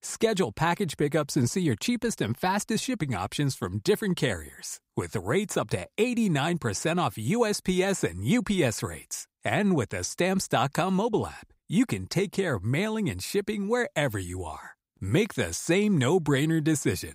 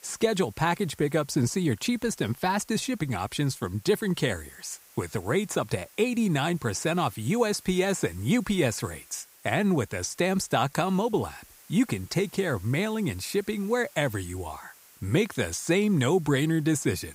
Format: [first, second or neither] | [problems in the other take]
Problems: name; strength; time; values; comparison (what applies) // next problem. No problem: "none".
first | hiss; faint; throughout; 25 dB below the speech